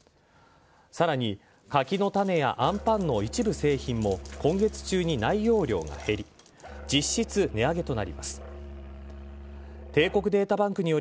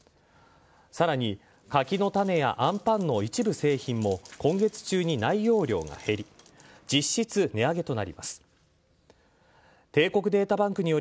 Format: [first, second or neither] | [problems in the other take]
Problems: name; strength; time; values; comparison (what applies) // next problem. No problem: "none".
second | background sound (Musical instrument); 14 dB below the speech